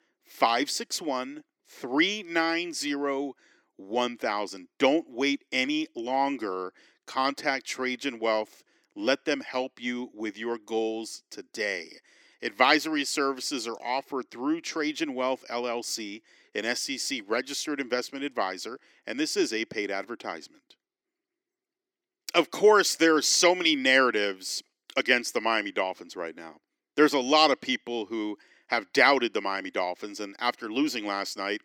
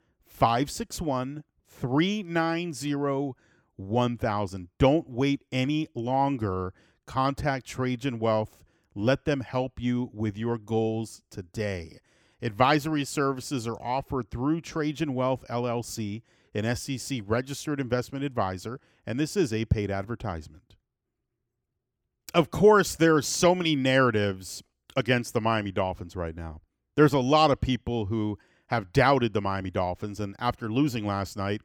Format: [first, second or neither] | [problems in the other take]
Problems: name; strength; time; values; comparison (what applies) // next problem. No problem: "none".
second | thin; very slightly; fading below 300 Hz